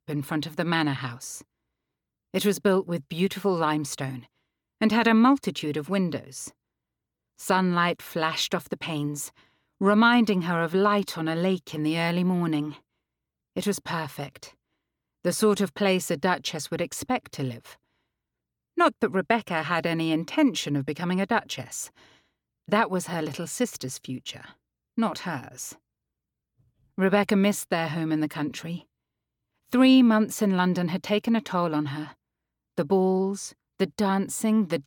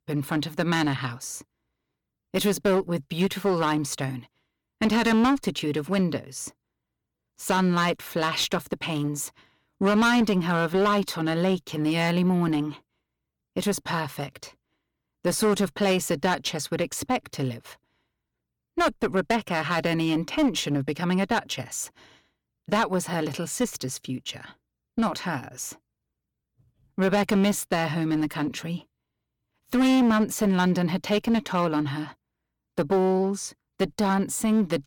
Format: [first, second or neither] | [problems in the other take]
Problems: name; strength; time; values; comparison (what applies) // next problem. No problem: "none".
first | distortion; slight; 9% of the sound clipped